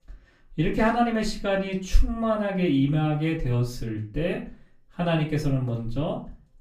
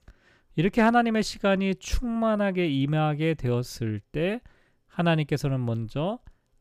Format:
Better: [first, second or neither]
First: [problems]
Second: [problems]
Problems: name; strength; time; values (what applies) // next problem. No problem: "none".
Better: second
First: off-mic speech; far // room echo; slight; dies away in 0.3 s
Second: none